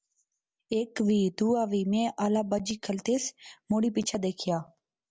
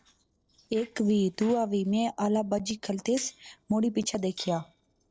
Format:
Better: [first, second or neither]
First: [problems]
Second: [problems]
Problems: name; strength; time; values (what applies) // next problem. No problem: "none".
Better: first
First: none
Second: noise reduction (neural separator model SepFormer DNS4)